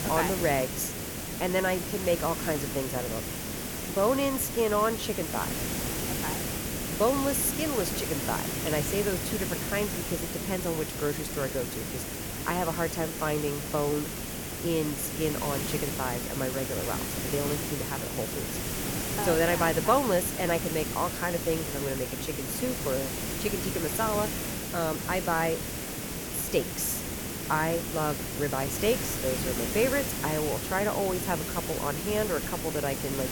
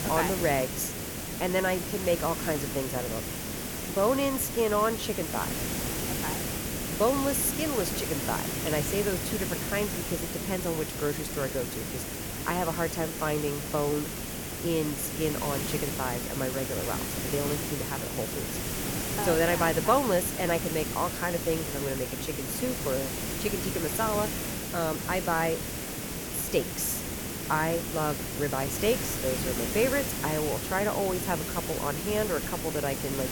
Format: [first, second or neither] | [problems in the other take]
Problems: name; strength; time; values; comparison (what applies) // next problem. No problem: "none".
neither | hiss; loud; throughout; 2 dB below the speech; the same in both